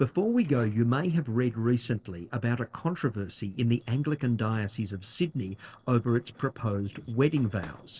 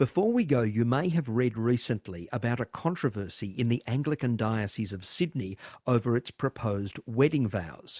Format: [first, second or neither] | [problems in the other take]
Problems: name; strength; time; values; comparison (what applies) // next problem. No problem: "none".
second | noise reduction (neural separator model SepFormer DNS4)